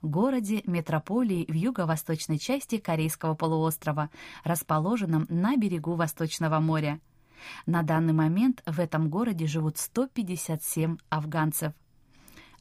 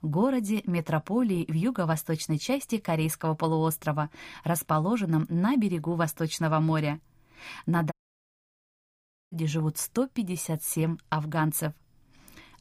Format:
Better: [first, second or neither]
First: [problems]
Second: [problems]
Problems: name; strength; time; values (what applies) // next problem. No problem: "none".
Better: first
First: none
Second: audio cutting out; at 8 s for 1.5 s